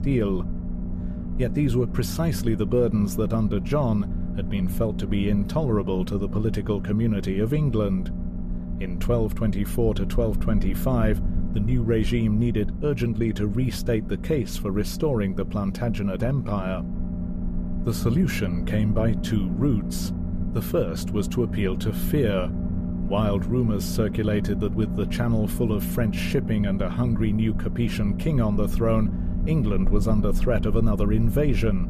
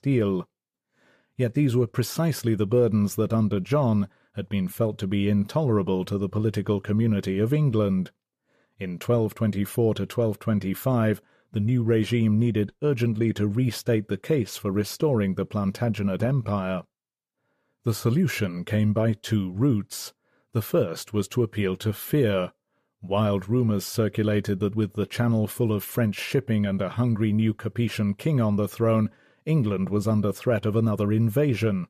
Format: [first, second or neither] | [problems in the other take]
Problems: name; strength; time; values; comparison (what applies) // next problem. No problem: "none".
second | low rumble; loud; throughout; 9 dB below the speech